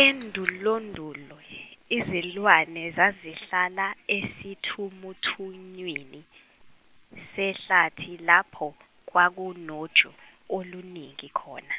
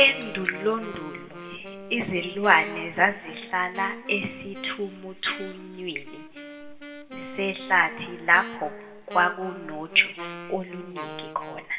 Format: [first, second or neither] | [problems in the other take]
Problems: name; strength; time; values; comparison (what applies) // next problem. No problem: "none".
first | background sound (Wind instrument, woodwind instrument); 13 dB below the speech // room echo; dies away in 1.3 s